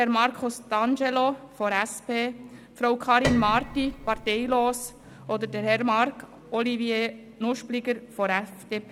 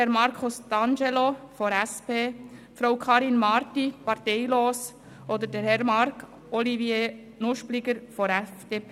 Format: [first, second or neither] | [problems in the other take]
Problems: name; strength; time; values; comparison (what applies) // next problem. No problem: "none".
second | background sound (Piano); 8 dB below the speech